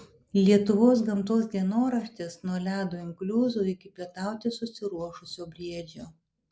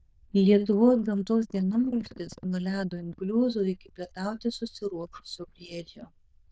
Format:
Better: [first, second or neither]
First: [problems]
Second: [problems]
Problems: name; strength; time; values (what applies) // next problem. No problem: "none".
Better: first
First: none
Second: noise reduction (neural diffusion model UNIVERSE++)